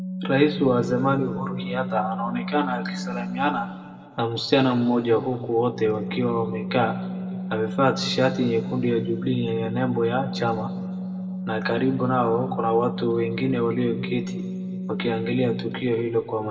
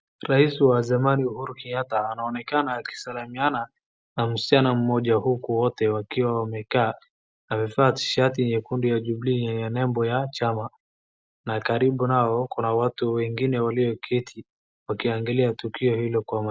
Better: second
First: background sound (Organ); 7 dB below the speech // room echo; dies away in 1.8 s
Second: none

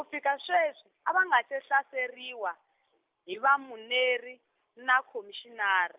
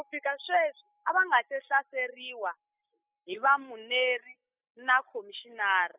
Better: first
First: none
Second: noise reduction (classical method spectral subtraction)

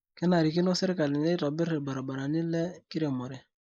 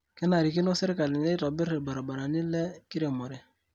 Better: second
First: noise reduction (neural mask model Resemble Enhance denoiser)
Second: none

